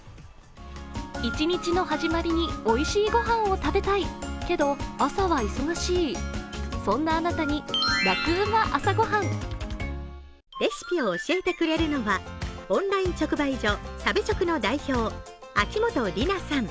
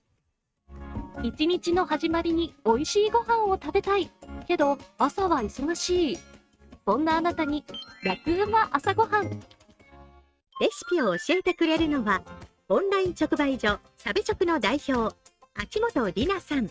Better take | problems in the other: first | noise reduction (neural mask model RNNoise)

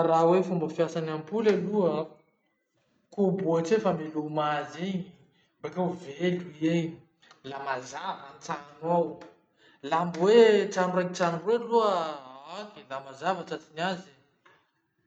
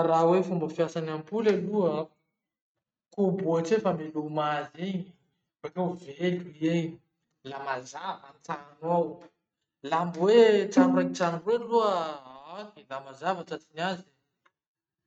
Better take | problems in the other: first | noise reduction (neural mask model RNNoise)

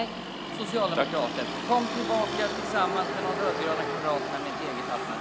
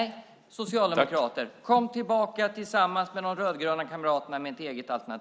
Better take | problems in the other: second | background sound (Motor vehicle (road)); 2 dB below the speech

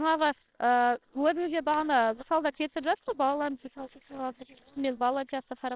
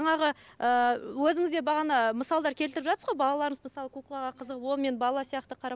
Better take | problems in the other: second | noise reduction (neural separator model SepFormer WHAMR!)

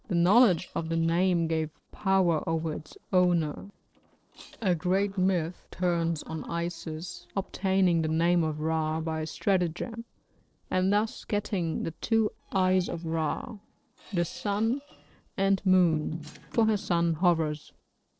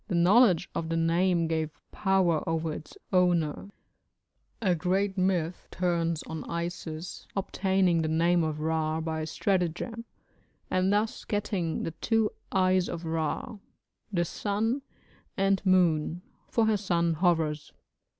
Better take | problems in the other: second | noise reduction (neural separator model SepFormer DNS4)

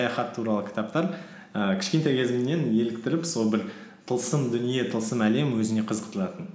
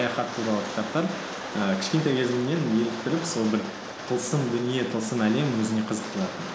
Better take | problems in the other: first | background sound (Rain); 9 dB below the speech

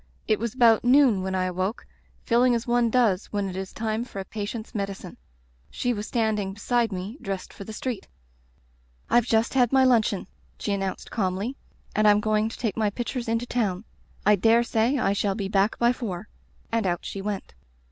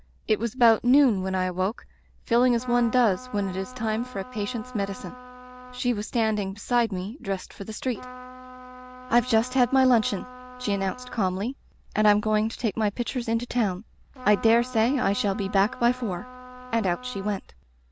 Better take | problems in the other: first | background sound (Trumpet); 16 dB below the speech

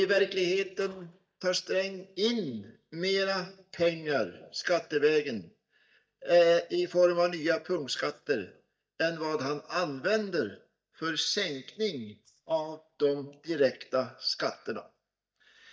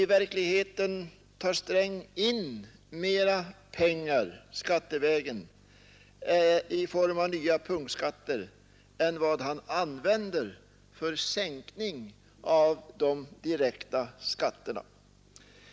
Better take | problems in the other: second | noise reduction (neural mask model DeepFilterNet 3)

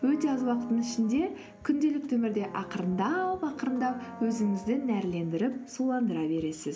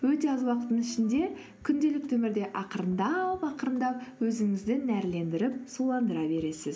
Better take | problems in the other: second | background sound (Brass instrument); 18 dB below the speech

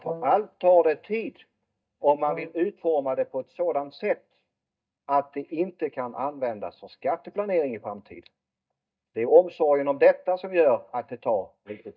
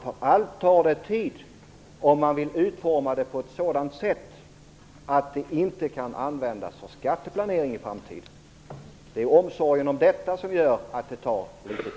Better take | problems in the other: second | noise reduction (neural mask model DeepFilterNet 3)

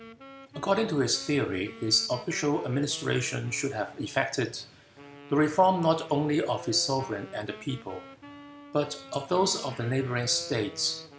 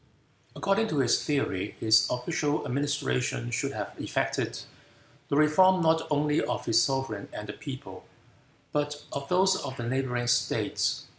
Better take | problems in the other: second | background sound (Wind instrument, woodwind instrument); 18 dB below the speech

